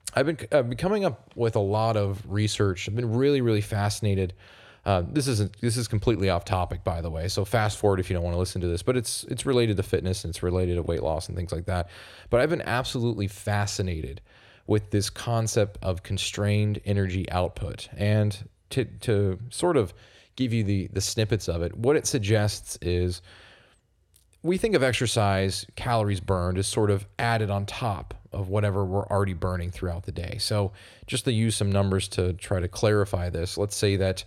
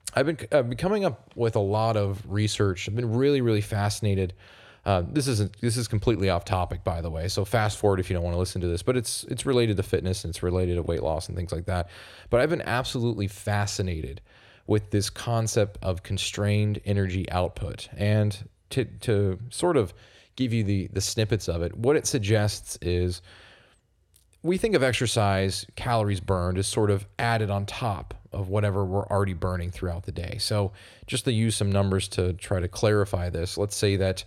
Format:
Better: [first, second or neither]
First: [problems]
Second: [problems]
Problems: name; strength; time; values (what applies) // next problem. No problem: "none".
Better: neither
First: none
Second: none